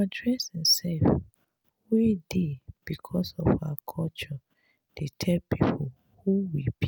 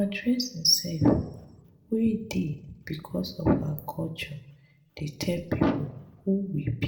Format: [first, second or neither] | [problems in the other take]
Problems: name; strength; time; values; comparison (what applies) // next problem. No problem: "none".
first | room echo; dies away in 0.5 s